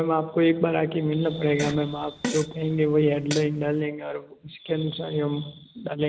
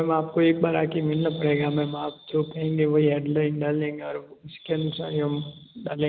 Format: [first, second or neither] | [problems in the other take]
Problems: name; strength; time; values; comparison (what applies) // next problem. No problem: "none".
second | background sound (Fart); 12 dB below the speech